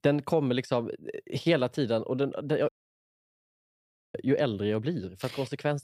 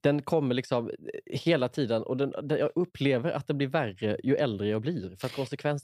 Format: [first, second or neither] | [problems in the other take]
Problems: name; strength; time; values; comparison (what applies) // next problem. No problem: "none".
second | audio cutting out; at 2.5 s for 1.5 s